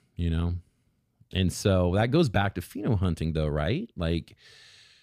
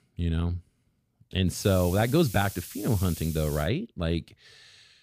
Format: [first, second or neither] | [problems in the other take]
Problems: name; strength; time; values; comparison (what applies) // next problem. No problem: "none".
first | hiss; very faint; from 1.5 to 3.5 s; 15 dB below the speech